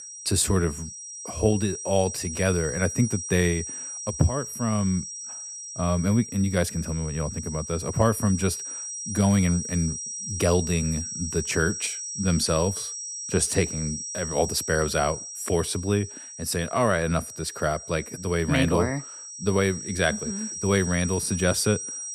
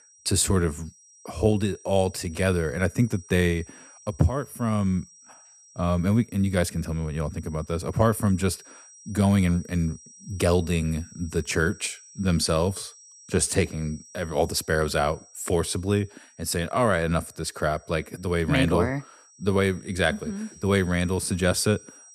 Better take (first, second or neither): second